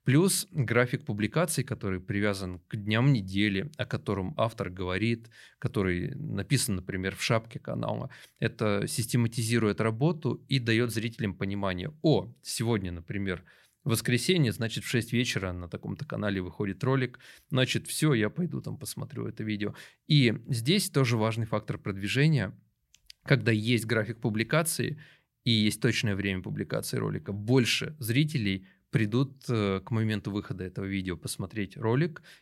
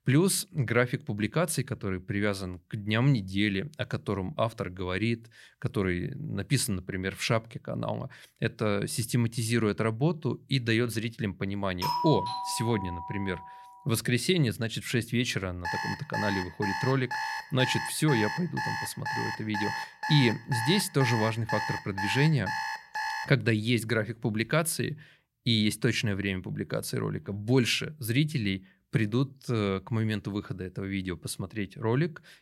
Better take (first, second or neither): first